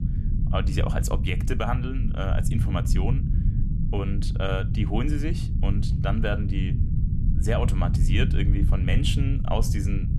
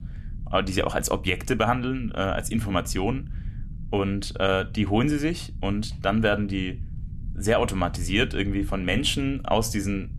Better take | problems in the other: second | low rumble; loud; throughout; 7 dB below the speech; faint in the second

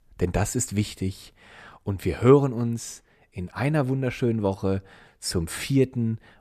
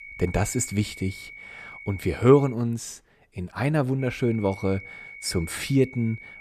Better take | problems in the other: first | high-pitched whine; noticeable; until 2.5 s and from 4 s on; 2 kHz, 15 dB below the speech

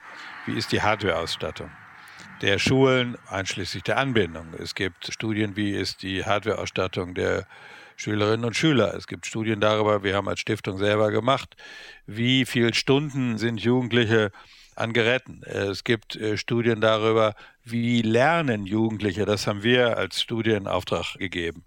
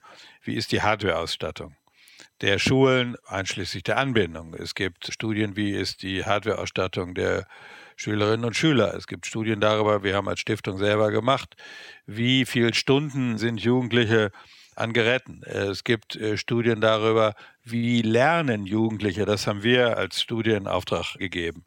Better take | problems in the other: second | animal sounds; faint; throughout; 20 dB below the speech

